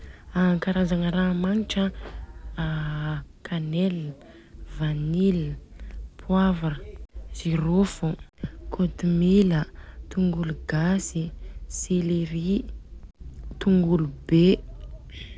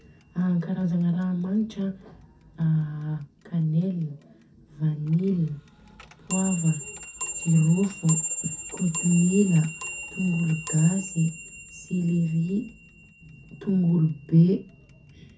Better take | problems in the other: first | background sound (Clock); 12 dB below the speech // room echo; dies away in 0.3 s

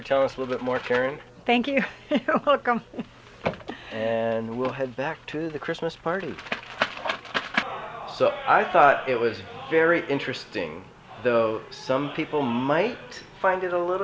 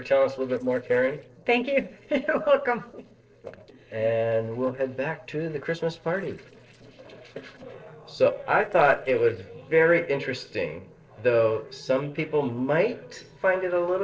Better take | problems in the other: first | noise reduction (neural separator model SepFormer DNS4)

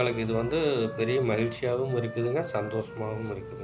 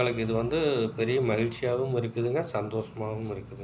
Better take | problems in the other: second | background sound (Wind instrument, woodwind instrument); 14 dB below the speech

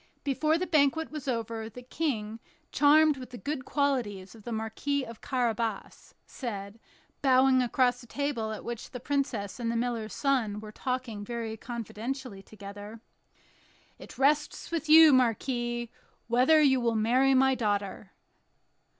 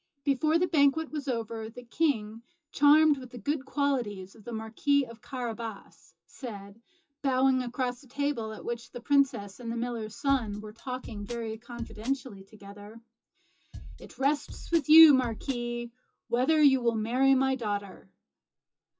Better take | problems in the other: first | noise reduction (classical method WPE with log-MMSE)

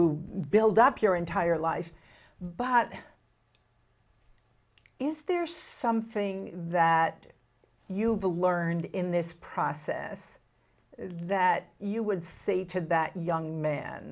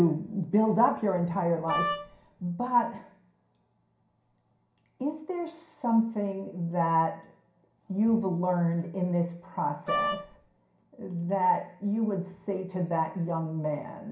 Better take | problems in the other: first | background sound (Wind instrument, woodwind instrument); 2 dB below the speech // room echo; dies away in 0.5 s

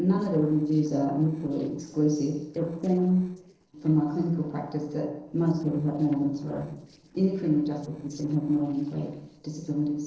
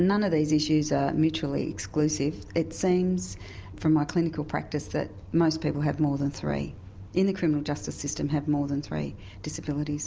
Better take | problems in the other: second | noise reduction (neural separator model SepFormer DNS4)

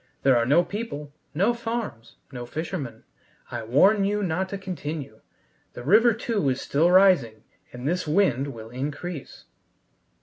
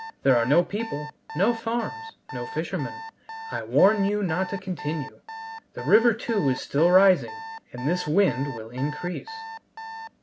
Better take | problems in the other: first | background sound (Alarm); 13 dB below the speech

